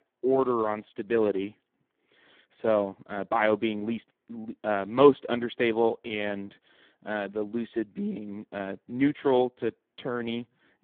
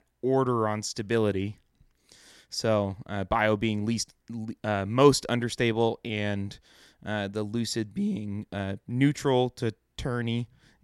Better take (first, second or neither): second